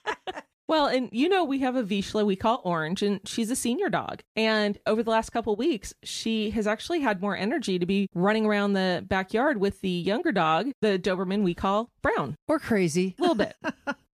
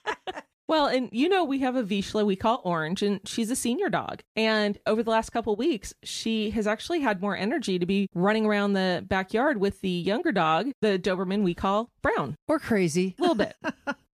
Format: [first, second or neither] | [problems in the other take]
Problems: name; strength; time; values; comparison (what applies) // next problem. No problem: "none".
neither | none